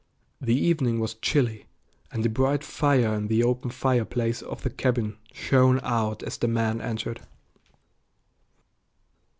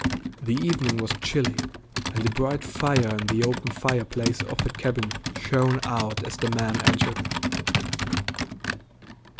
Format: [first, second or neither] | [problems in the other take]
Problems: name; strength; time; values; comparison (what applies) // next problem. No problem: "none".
first | background sound (Computer keyboard); 2 dB below the speech